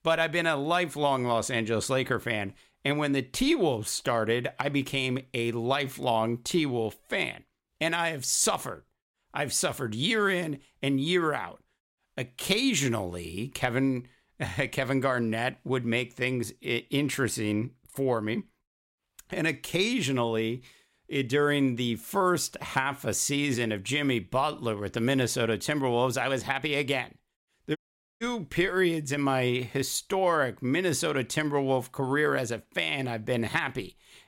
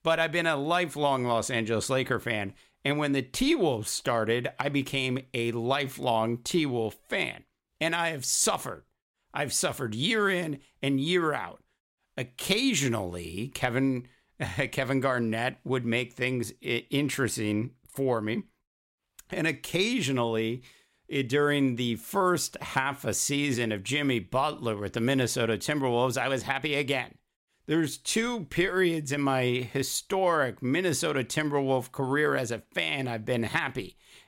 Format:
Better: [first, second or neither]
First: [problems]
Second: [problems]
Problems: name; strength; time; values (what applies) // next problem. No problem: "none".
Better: second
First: audio cutting out; at 28 s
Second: none